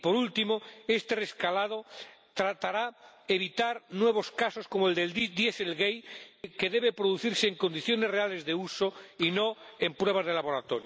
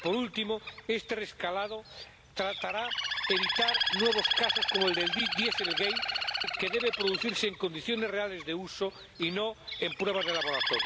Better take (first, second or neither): first